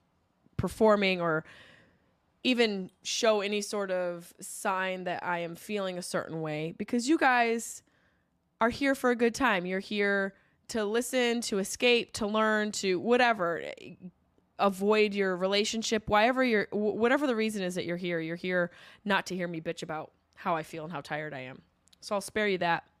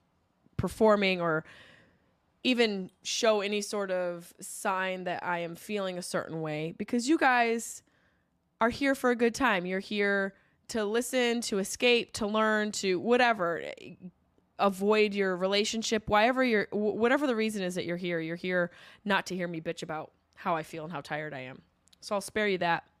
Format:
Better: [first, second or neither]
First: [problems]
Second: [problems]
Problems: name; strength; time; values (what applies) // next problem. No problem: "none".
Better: neither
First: none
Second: none